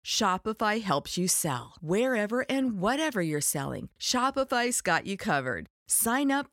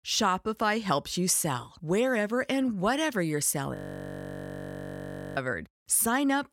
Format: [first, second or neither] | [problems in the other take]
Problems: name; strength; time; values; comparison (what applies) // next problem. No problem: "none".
first | audio freezing; at 4 s for 1.5 s